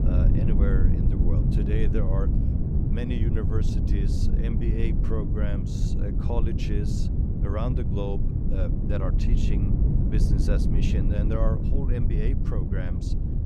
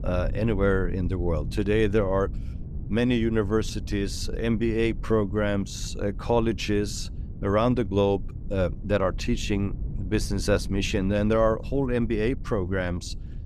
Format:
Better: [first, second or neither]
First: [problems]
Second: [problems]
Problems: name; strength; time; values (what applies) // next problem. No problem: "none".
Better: second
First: low rumble; loud; throughout; as loud as the speech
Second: low rumble; faint; throughout; 20 dB below the speech